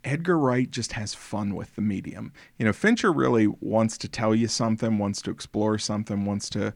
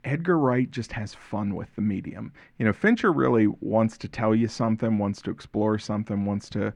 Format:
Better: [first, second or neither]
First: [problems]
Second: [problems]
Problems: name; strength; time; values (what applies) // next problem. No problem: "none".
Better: first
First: none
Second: muffled; slightly; fading above 4 kHz